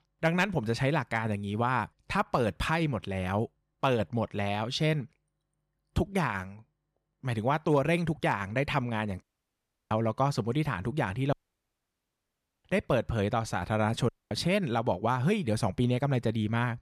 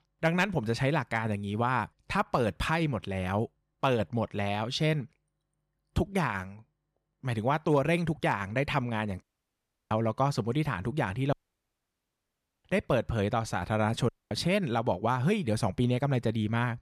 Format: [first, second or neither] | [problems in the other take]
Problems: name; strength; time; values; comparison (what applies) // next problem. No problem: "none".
neither | audio cutting out; at 9 s for 0.5 s, at 11 s for 1.5 s and at 14 s; the same in both